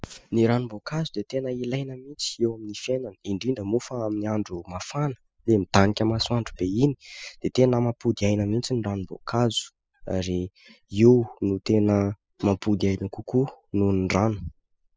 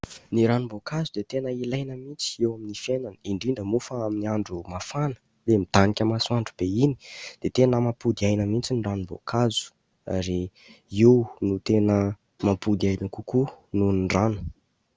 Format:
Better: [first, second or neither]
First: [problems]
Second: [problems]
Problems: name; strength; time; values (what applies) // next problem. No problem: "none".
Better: second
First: noise reduction (classical method spectral subtraction)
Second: none